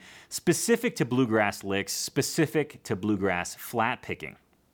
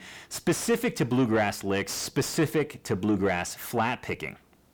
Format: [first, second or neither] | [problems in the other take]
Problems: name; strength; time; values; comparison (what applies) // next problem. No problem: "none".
first | distortion; slight; 10 dB below the speech